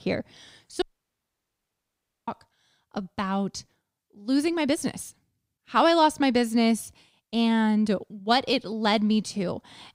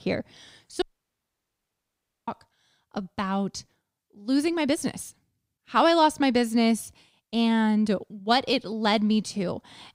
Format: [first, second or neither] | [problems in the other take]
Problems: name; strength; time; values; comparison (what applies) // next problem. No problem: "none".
neither | audio cutting out; at 1 s for 1.5 s; the same in both